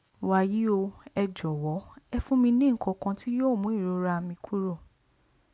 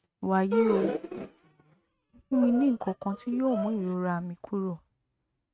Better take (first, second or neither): first